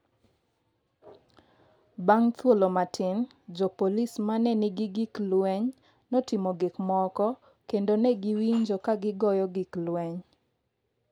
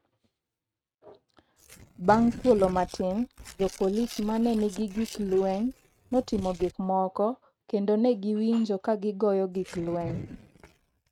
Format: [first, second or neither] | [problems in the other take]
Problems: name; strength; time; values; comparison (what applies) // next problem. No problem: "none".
first | noise reduction (neural mask model RNNoise)